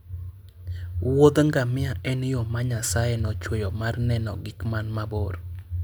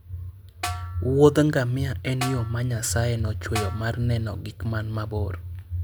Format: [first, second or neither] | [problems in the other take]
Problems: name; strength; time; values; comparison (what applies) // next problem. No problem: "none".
first | background sound (Snare drum); 13 dB below the speech